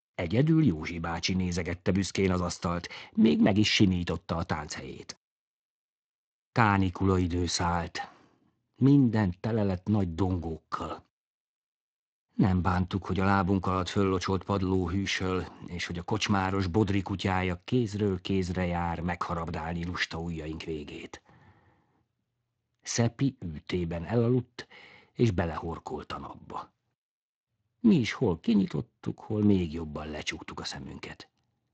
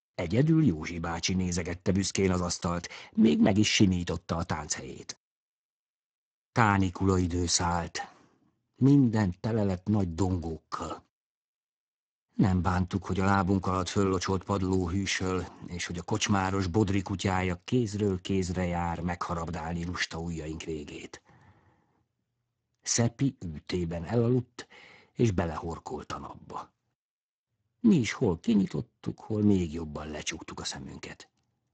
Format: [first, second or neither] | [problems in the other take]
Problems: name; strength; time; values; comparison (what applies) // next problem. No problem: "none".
first | garbled, watery; badly; nothing above 7.5 kHz; slightly in the first